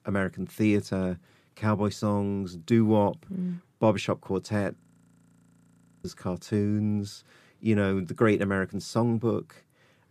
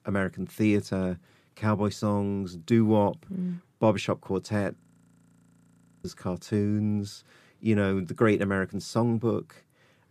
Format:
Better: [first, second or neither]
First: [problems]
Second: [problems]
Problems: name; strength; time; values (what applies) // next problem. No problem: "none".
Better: neither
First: audio freezing; at 5 s for 1.5 s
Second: audio freezing; at 5 s for 1.5 s